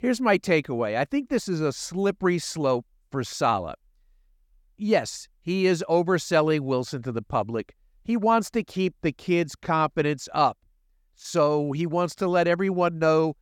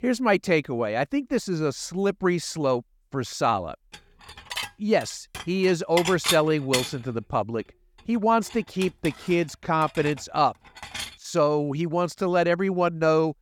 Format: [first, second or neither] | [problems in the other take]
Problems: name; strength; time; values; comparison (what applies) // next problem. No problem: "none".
first | clattering dishes; loud; from 4 to 11 s; peak 1 dB above the speech